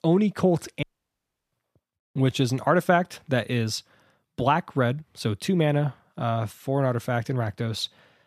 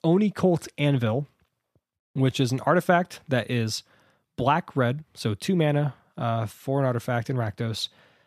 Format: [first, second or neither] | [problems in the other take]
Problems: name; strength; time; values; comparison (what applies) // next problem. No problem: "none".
second | audio cutting out; at 1 s for 0.5 s